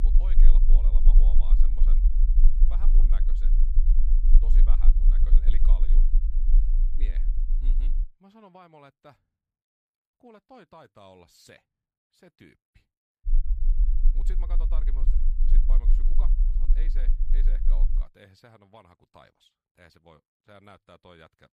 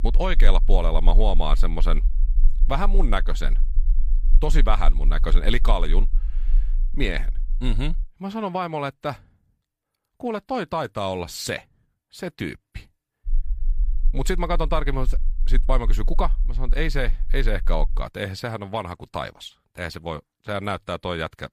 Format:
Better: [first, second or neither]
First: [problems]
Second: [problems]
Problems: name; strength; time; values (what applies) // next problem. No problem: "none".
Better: second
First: low rumble; loud; until 8 s and from 13 to 18 s; 1 dB below the speech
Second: low rumble; faint; until 8 s and from 13 to 18 s; 25 dB below the speech